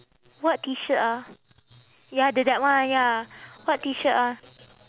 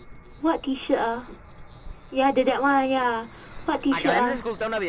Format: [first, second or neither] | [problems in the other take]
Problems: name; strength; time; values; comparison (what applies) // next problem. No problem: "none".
first | background sound (Fixed-wing aircraft, airplane); 9 dB below the speech // room echo; dies away in 0.2 s